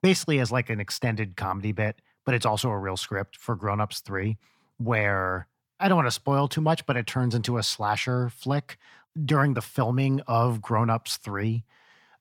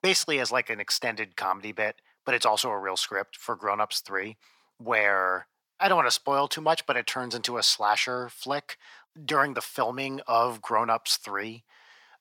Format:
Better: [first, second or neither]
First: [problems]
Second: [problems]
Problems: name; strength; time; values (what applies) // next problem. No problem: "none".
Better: first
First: none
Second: thin; very; fading below 500 Hz